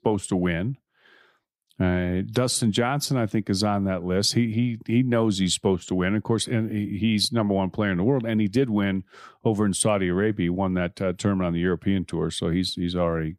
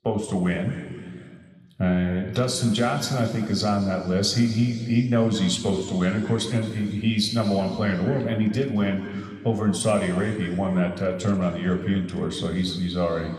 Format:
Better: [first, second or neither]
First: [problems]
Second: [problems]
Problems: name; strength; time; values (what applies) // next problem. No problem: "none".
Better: first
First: none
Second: room echo; noticeable; dies away in 2.2 s